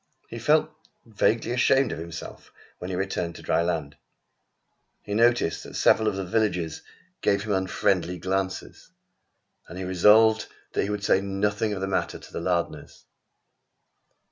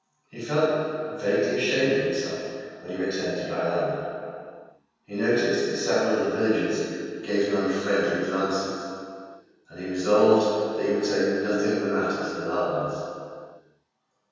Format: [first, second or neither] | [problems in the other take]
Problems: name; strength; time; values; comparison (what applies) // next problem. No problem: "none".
first | room echo; dies away in 2.1 s